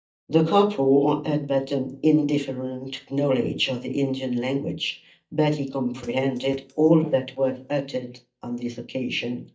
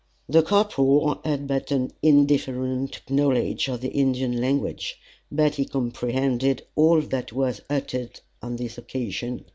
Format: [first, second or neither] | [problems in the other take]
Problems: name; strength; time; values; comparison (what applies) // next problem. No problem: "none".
second | noise reduction (neural mask model DeepFilterNet 3)